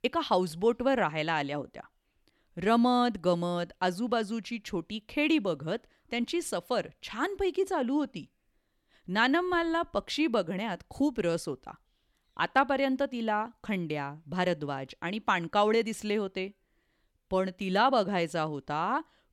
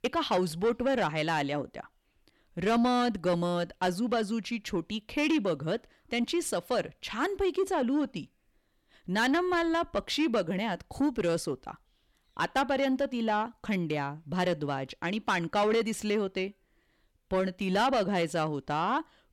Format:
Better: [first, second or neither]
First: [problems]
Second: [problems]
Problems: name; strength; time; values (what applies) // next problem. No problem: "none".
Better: first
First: none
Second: distortion; slight; 10 dB below the speech